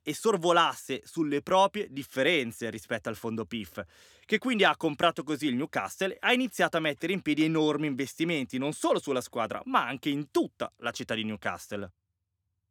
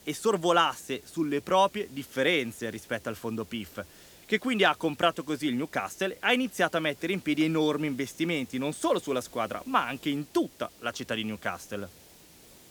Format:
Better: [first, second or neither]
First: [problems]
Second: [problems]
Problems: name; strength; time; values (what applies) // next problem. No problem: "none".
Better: first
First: none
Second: hiss; faint; throughout; 25 dB below the speech